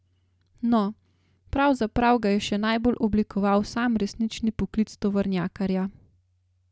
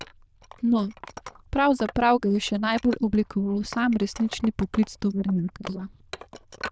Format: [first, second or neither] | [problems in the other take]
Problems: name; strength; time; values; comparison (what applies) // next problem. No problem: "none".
first | noise reduction (neural diffusion model UNIVERSE++)